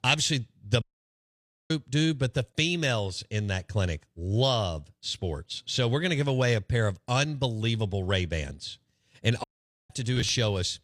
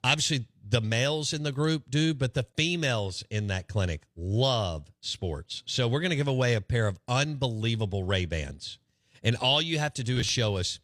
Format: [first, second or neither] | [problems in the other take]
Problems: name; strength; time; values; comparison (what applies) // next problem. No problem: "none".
second | audio cutting out; at 1 s for 1 s and at 9.5 s